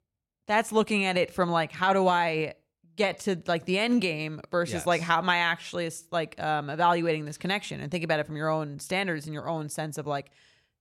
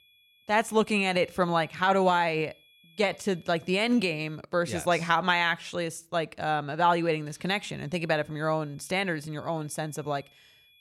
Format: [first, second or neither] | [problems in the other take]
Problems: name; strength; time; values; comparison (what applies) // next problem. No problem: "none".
first | high-pitched whine; faint; until 4.5 s and from 7 s on; 3.5 kHz, 30 dB below the speech